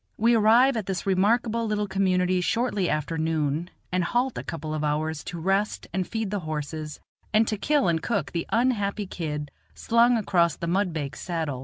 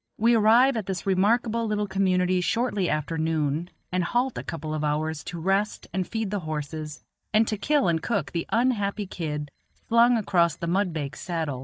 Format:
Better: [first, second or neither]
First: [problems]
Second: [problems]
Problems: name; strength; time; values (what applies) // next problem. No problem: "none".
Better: first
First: none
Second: noise reduction (neural mask model DeepFilterNet 3)